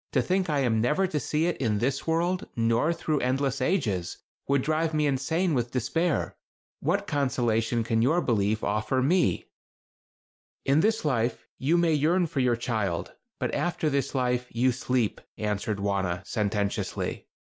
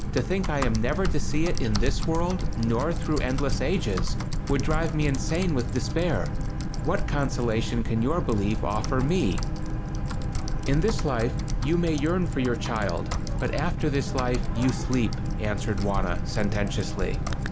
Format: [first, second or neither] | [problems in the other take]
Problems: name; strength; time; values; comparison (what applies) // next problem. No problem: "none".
first | background sound (Boat, Water vehicle + Typing); 1 dB above the speech